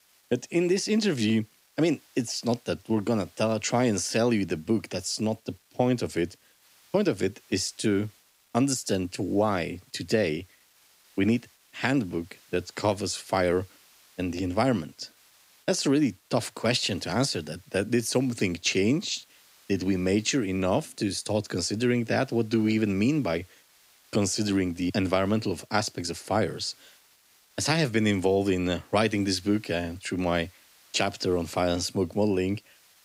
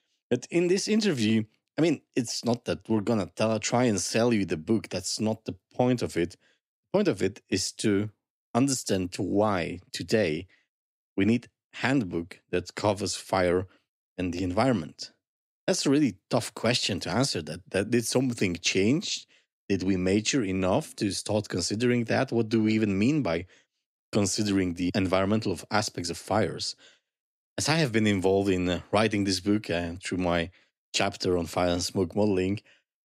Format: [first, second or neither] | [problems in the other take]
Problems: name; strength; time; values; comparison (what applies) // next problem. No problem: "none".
second | hiss; faint; throughout; 30 dB below the speech